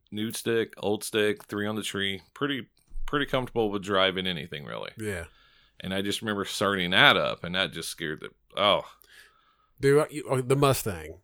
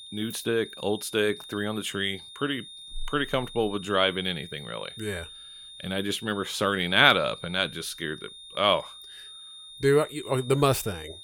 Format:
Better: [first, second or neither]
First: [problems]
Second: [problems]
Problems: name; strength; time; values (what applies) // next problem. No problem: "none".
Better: first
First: none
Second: high-pitched whine; noticeable; throughout; 3.5 kHz, 15 dB below the speech